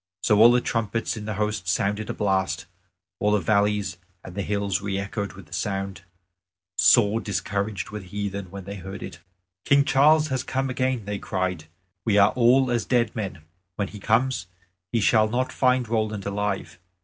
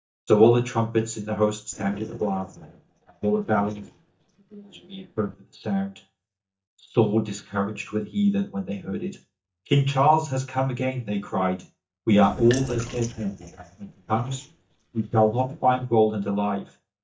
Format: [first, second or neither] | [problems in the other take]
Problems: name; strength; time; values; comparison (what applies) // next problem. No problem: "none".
first | noise reduction (neural mask model DeepFilterNet 3)